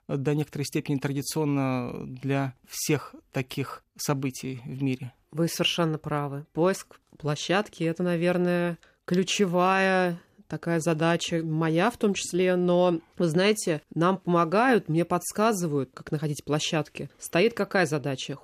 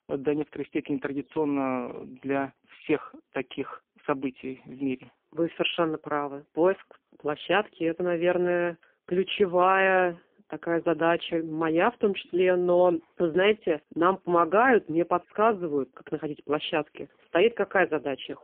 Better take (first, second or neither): first